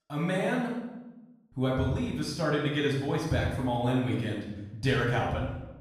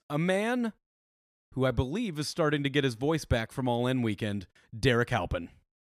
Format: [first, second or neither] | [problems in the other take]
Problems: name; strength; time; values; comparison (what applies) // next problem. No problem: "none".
second | off-mic speech; far // room echo; noticeable; dies away in 0.8 s